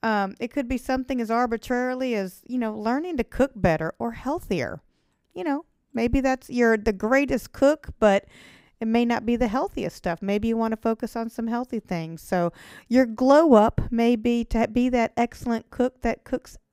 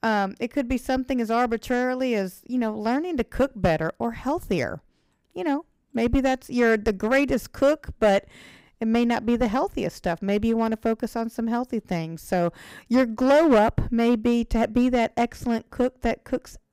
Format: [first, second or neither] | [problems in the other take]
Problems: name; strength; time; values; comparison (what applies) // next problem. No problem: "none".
first | distortion; slight; 4% of the sound clipped